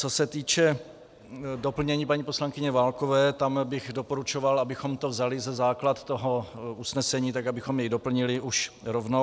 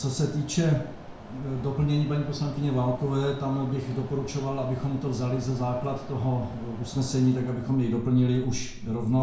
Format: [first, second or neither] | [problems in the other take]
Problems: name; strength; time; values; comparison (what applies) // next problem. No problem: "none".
first | background sound (Mechanisms); 14 dB below the speech // room echo; dies away in 0.5 s